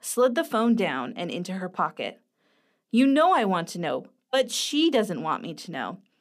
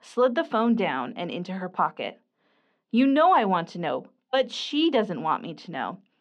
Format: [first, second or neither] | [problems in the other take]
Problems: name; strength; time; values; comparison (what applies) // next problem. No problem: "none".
first | muffled; slightly; fading above 4 kHz